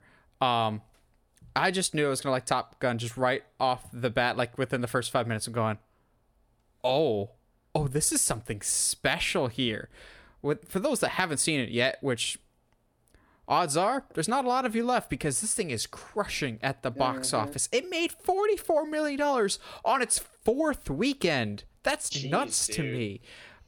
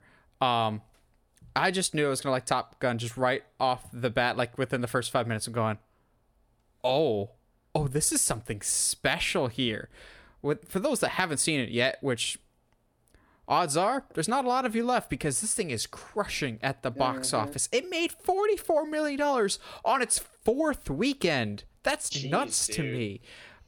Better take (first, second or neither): neither